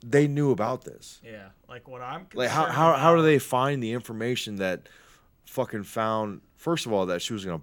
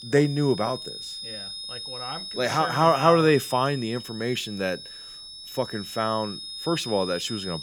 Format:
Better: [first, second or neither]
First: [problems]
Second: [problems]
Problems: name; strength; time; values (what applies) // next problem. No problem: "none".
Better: first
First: none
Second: high-pitched whine; noticeable; throughout; 5 kHz, 10 dB below the speech